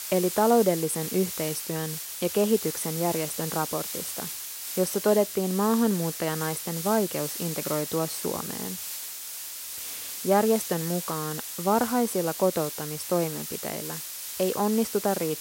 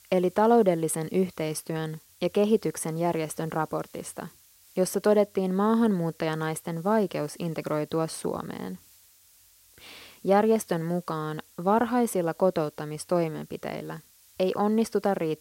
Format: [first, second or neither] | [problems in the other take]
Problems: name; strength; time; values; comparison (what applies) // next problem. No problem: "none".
second | hiss; loud; throughout; 6 dB below the speech; faint in the second